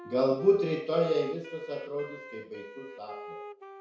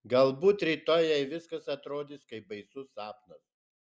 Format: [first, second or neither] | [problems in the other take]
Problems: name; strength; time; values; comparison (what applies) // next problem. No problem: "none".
second | background sound (Wind instrument, woodwind instrument); 15 dB below the speech // room echo; dies away in 0.5 s